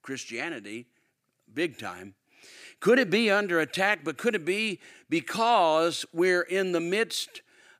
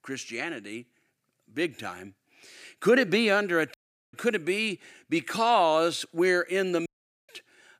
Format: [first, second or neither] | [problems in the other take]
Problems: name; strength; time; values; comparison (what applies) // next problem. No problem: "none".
first | audio cutting out; at 3.5 s and at 7 s